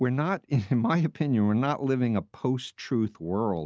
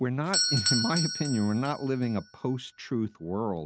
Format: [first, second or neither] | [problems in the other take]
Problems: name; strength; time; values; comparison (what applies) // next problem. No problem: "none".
first | background sound (Doorbell); 4 dB below the speech